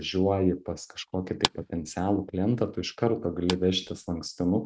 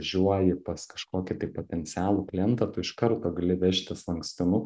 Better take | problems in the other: second | noise reduction (neural mask model RNNoise)

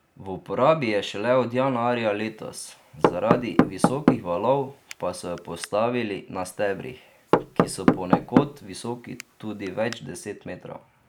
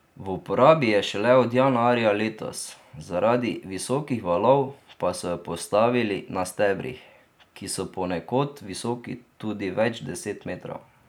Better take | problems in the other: second | background sound (Knock / Wood); 1 dB above the speech

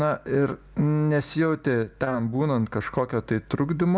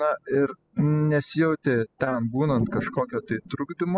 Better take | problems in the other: first | noise reduction (classical method spectral subtraction)

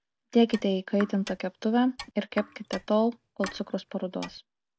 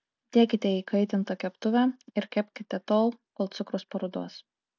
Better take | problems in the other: second | background sound (Clock + Raindrop / Drip); 17 dB below the speech

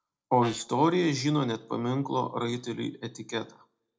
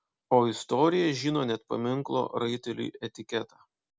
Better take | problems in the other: second | noise reduction (neural separator model SepFormer DNS4)

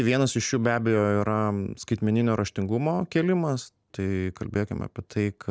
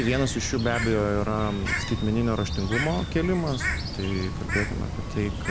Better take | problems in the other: first | background sound (Bird); 3 dB below the speech

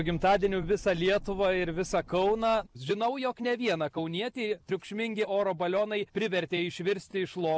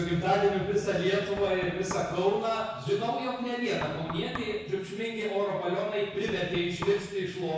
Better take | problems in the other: first | background sound (Knock); 17 dB below the speech // room echo; dies away in 1.1 s

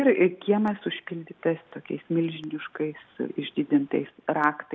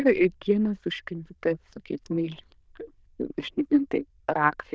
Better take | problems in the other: first | noise reduction (neural diffusion model UNIVERSE++)

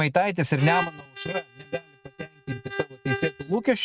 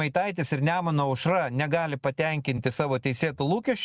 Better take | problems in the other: second | noise reduction (neural mask model RNNoise)

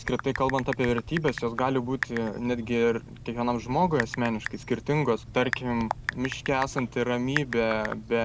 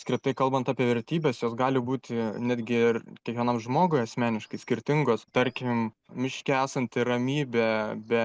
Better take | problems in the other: second | background sound (Typing); 10 dB below the speech

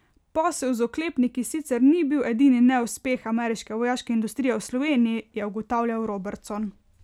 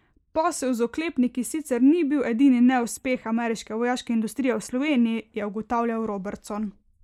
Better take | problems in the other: first | noise reduction (neural mask model Resemble Enhance denoiser)

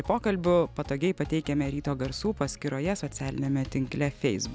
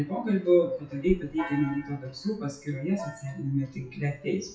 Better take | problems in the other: first | noise reduction (classical method WPE with log-MMSE)

